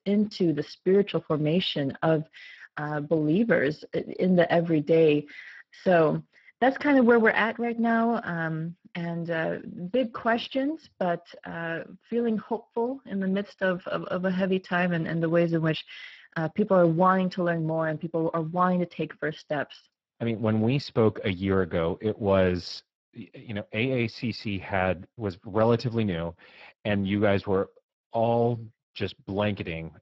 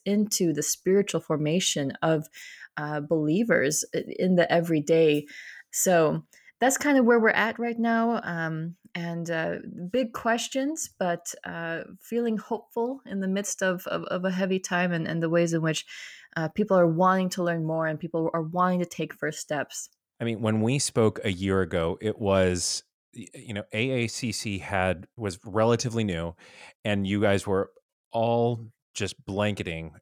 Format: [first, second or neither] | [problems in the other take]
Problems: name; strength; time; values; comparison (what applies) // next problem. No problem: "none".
second | garbled, watery; badly